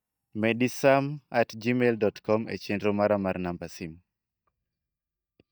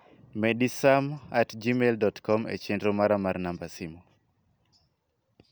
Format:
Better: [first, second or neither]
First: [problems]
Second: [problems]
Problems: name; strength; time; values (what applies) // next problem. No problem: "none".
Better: second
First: noise reduction (neural mask model DeepFilterNet 3)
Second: none